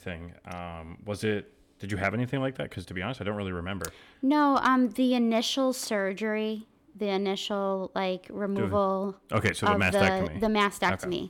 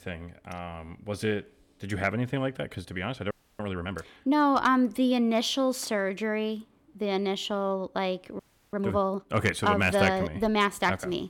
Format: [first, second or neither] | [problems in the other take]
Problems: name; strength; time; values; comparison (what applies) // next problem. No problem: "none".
first | audio freezing; at 3.5 s and at 8.5 s